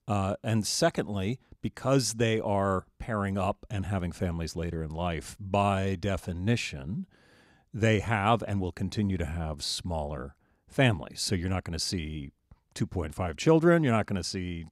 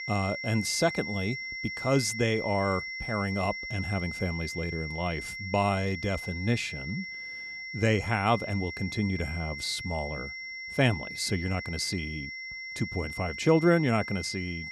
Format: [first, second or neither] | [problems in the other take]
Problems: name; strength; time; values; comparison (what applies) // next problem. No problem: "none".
first | high-pitched whine; loud; throughout; 2 kHz, 6 dB below the speech